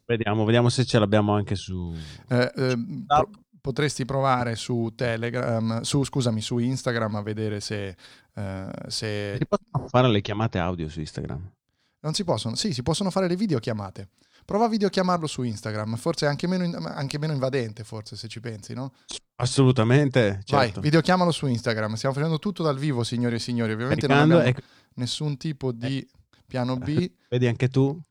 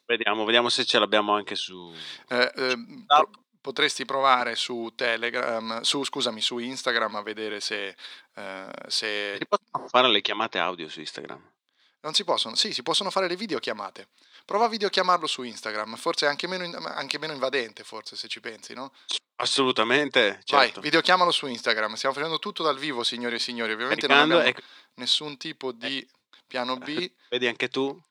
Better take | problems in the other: first | thin; somewhat; fading below 300 Hz

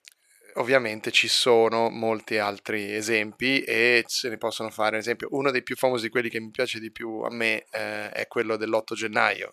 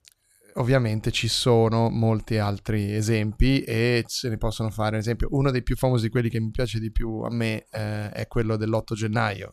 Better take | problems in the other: second | thin; somewhat; fading below 400 Hz

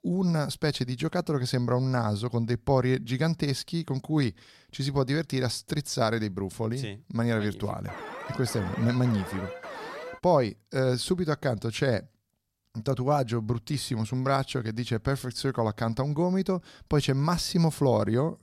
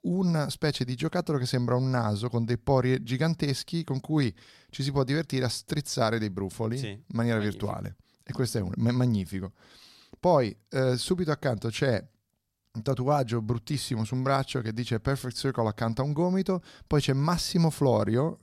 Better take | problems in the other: second | alarm; faint; from 8 to 10 s; peak 10 dB below the speech

